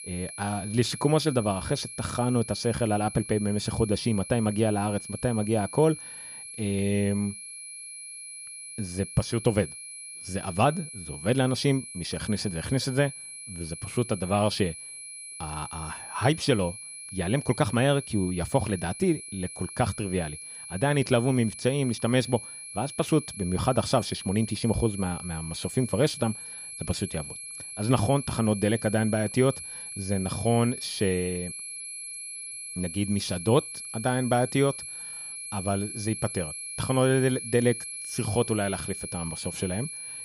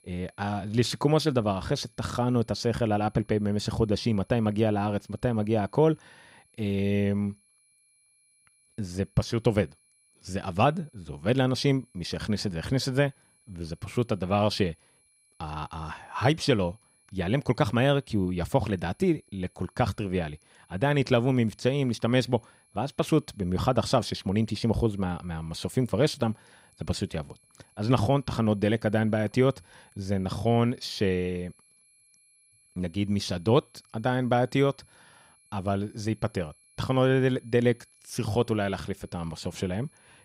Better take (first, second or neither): second